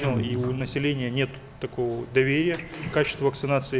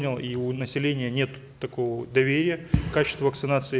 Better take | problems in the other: second | noise reduction (neural mask model Resemble Enhance denoiser)

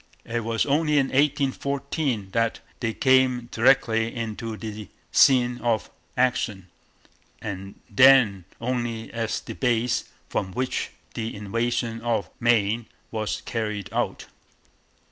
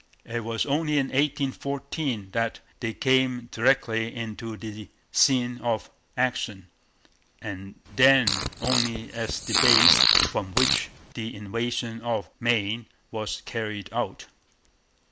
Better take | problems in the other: first | background sound (Fart); 3 dB above the speech

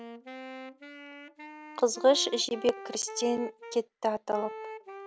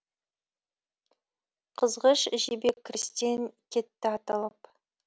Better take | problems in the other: second | background sound (Wind instrument, woodwind instrument); 13 dB below the speech

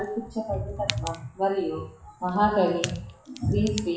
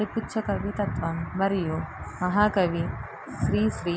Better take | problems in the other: second | noise reduction (classical method WPE with log-MMSE)

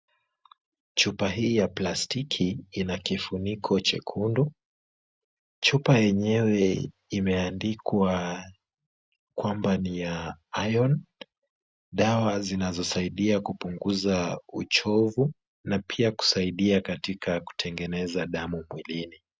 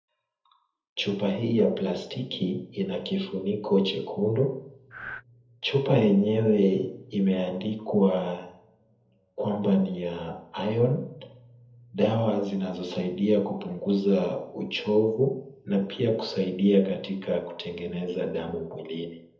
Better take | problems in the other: first | background sound (Breathing); 12 dB below the speech // room echo; dies away in 0.7 s

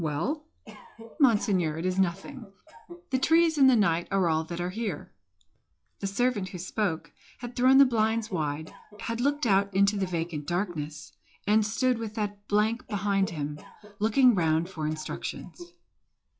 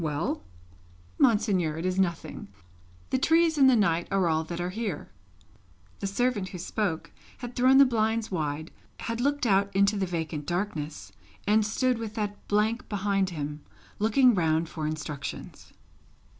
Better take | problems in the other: second | noise reduction (classical method log-MMSE)

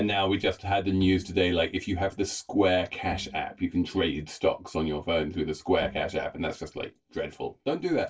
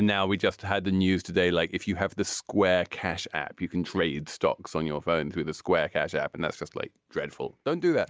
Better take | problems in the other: second | noise reduction (neural separator model SepFormer DNS4)

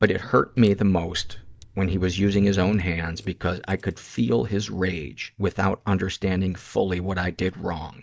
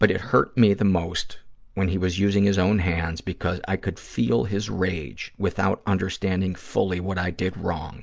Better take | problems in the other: second | noise reduction (neural mask model DeepFilterNet 3)

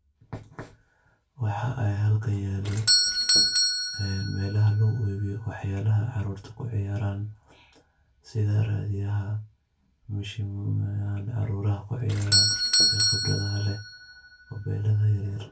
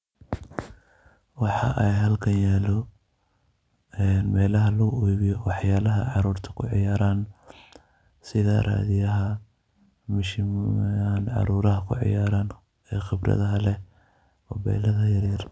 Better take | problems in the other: second | background sound (Doorbell); 2 dB below the speech // room echo; dies away in 0.2 s

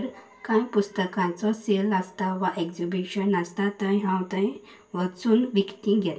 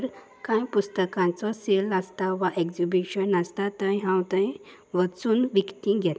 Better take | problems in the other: second | room echo; dies away in 0.2 s

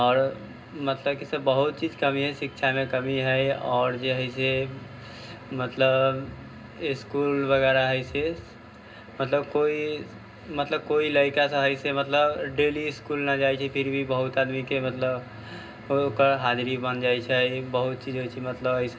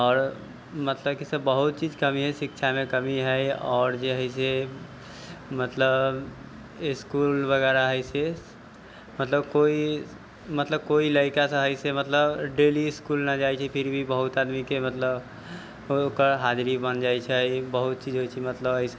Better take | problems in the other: second | room echo; dies away in 0.2 s

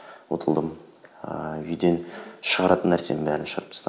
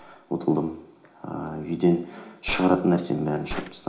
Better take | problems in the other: first | background sound (Gunshot, gunfire); 16 dB below the speech // room echo; dies away in 0.4 s

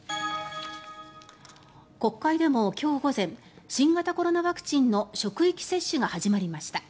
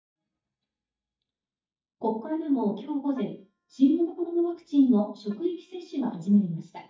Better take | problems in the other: first | noise reduction (neural mask model DeepFilterNet 3)

